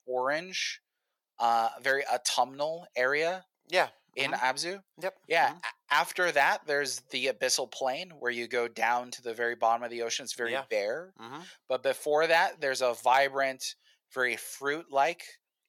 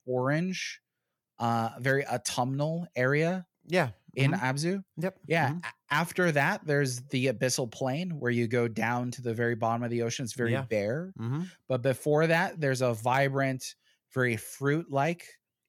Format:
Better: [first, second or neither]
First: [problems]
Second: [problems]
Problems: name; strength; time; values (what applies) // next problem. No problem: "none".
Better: second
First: thin; very; fading below 600 Hz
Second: none